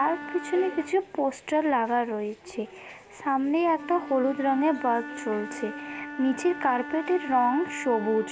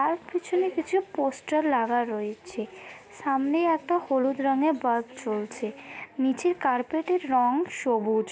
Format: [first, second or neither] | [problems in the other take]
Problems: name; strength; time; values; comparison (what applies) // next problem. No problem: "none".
second | background sound (Wind instrument, woodwind instrument); 13 dB below the speech